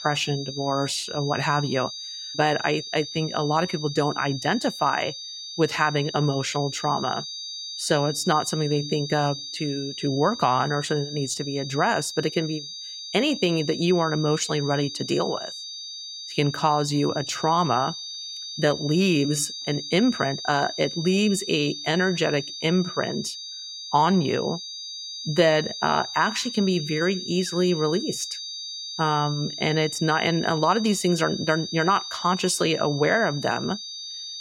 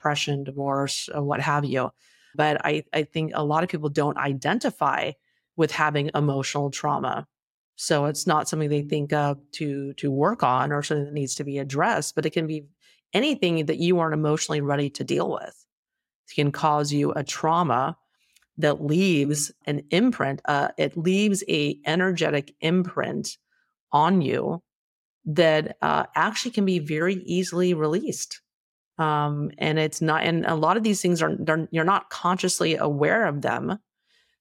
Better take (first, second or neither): second